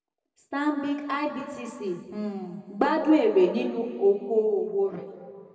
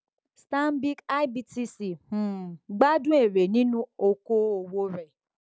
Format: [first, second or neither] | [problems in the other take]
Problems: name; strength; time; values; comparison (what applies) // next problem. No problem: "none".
second | room echo; dies away in 1.9 s